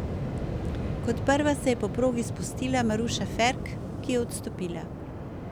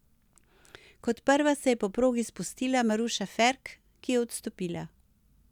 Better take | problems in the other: second | background sound (Waves, surf); 3 dB below the speech

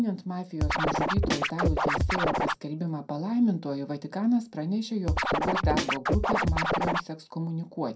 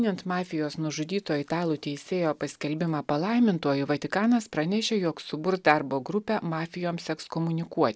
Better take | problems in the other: second | background sound (Scratching (performance technique)); 4 dB above the speech // room echo; dies away in 0.2 s

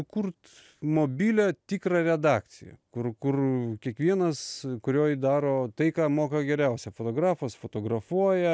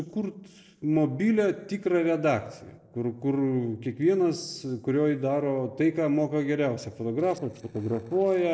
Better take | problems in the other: first | noise reduction (neural separator model SepFormer DNS4)

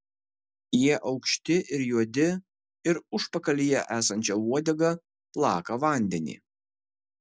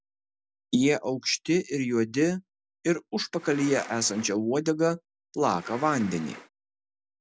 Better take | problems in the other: first | background sound (Insect); 16 dB below the speech

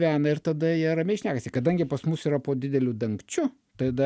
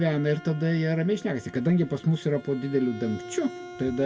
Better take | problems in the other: first | background sound (Bowed string instrument); 17 dB below the speech // room echo; dies away in 1.2 s

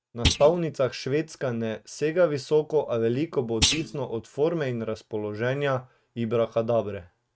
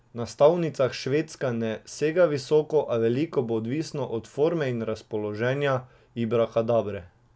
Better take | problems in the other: second | noise reduction (neural mask model RNNoise)

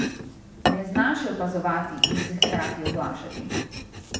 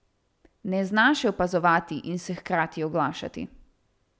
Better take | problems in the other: second | background sound (Domestic sounds, home sounds); 1 dB above the speech // room echo; dies away in 0.9 s

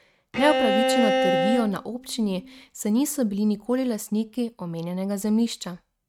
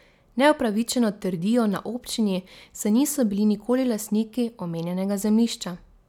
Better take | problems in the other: second | noise reduction (neural mask model RNNoise)

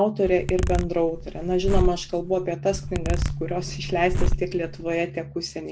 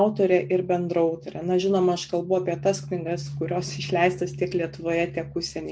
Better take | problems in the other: second | background sound (Zipper (clothing)); 1 dB below the speech

